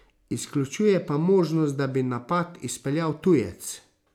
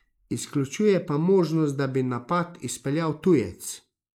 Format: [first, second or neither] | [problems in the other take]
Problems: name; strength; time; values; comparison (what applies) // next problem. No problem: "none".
first | noise reduction (neural mask model Resemble Enhance denoiser)